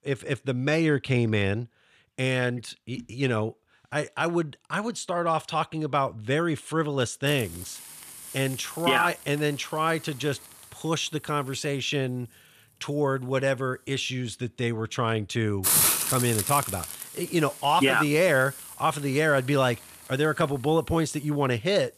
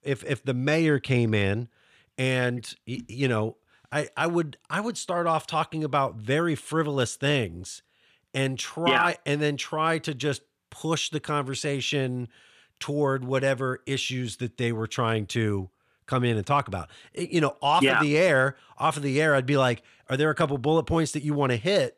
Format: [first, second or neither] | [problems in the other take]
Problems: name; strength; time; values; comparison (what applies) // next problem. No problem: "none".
second | hiss; loud; from 7.5 s on; 2 dB below the speech